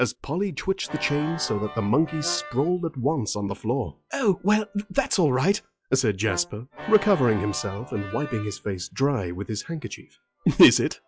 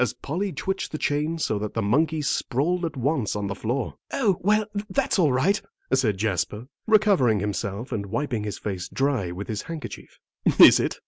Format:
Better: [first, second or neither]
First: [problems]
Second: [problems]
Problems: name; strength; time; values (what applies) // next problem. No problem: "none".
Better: second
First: noise reduction (classical method log-MMSE)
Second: none